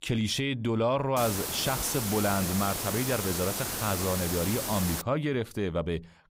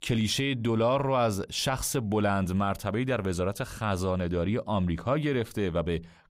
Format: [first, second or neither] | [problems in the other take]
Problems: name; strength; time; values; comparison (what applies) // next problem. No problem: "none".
second | hiss; loud; from 1 to 5 s; 2 dB below the speech